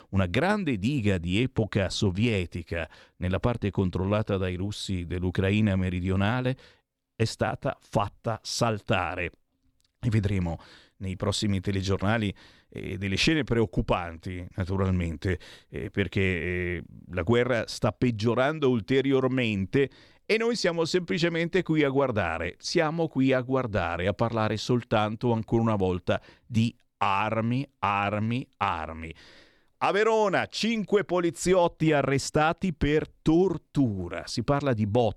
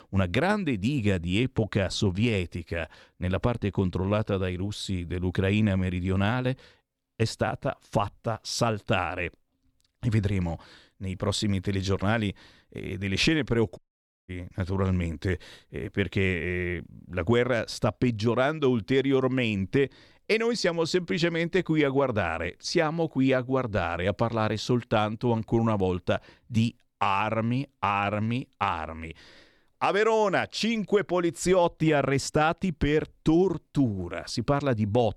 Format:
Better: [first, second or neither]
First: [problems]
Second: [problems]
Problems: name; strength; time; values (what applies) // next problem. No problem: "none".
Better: first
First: none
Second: audio cutting out; at 14 s for 0.5 s